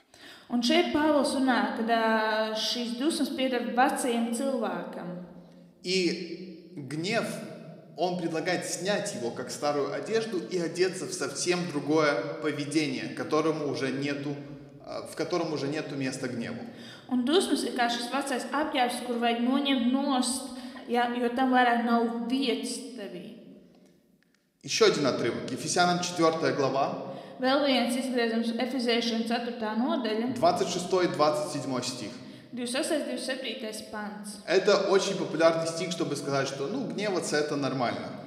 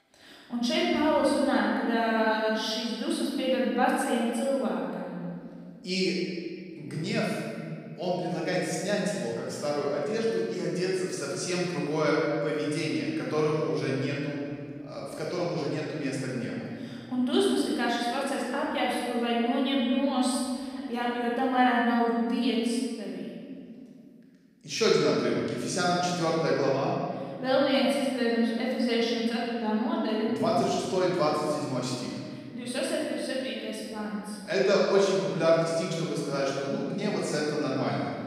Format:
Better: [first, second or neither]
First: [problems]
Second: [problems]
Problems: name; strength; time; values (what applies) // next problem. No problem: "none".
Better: first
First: room echo; slight; dies away in 1.2 s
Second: room echo; strong; dies away in 2.2 s // off-mic speech; far